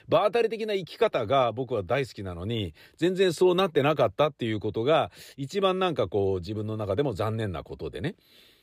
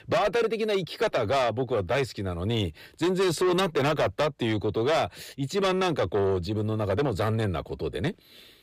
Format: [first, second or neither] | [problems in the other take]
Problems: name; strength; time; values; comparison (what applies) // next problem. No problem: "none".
first | distortion; heavy; 7 dB below the speech